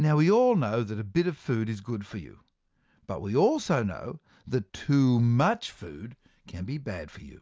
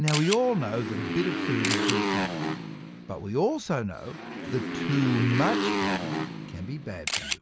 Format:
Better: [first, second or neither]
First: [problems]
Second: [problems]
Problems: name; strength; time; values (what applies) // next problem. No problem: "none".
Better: first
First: none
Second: background sound (Camera + Motorcycle); 1 dB below the speech